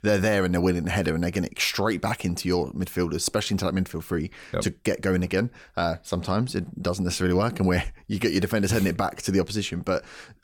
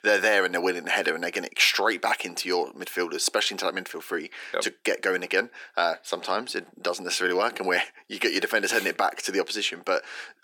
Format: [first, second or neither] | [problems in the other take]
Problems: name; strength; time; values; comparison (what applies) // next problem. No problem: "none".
first | thin; very; fading below 350 Hz